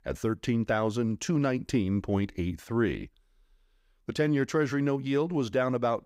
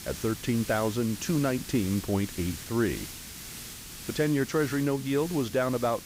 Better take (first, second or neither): first